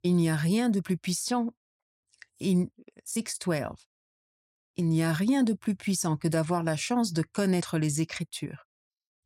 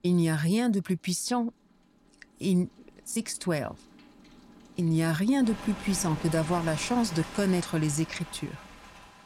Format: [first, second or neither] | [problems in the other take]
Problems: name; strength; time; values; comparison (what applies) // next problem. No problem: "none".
first | rain or running water; noticeable; throughout; 15 dB below the speech